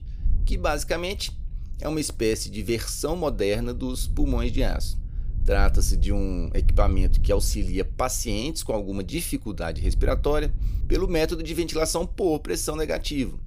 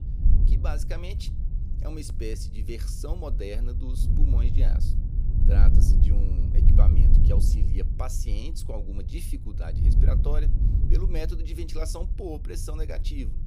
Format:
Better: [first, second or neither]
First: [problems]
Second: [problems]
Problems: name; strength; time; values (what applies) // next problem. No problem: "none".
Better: first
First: wind noise on the microphone; occasional gusts; 20 dB below the speech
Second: wind noise on the microphone; heavy; 3 dB below the speech